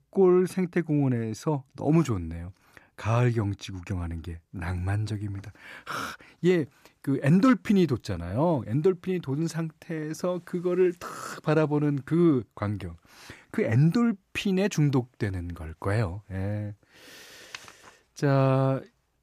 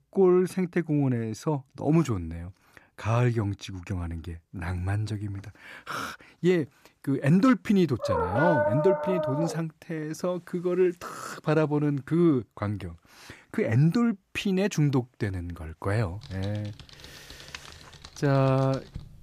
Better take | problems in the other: first | dog barking; loud; from 8 to 9.5 s; peak 2 dB above the speech // keyboard typing; faint; from 16 s on; peak 15 dB below the speech

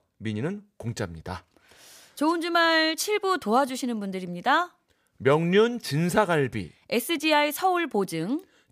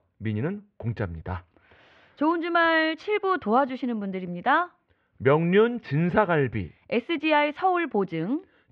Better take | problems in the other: first | muffled; very; fading above 3 kHz

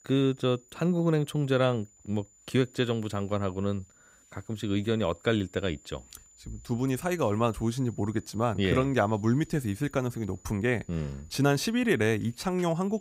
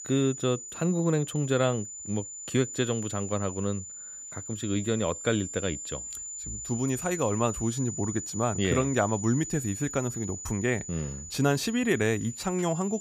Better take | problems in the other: first | high-pitched whine; loud; throughout; 7 kHz, 8 dB below the speech; faint in the first

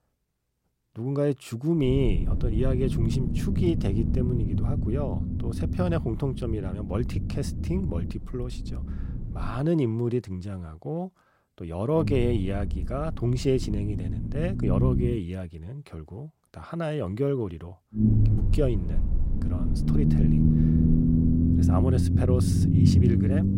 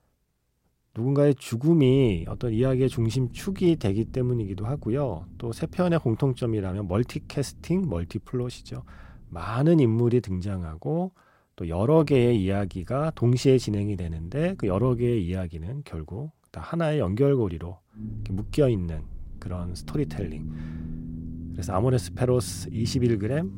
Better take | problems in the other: second | low rumble; loud; from 2 to 9.5 s, from 12 to 15 s and from 18 s on; 2 dB below the speech; faint in the second

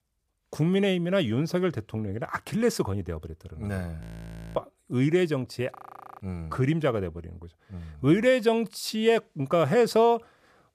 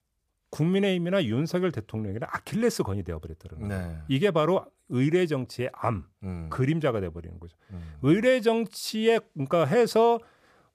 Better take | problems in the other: second | audio freezing; at 4 s for 0.5 s and at 6 s

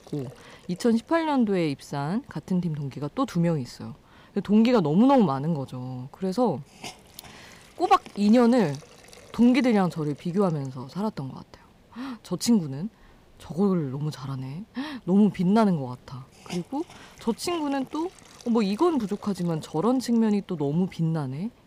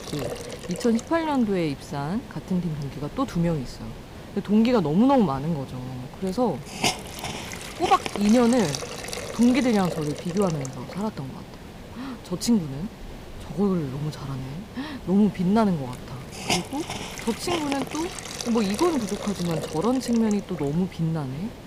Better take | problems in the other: first | hiss; loud; throughout; 9 dB below the speech; faint in the first

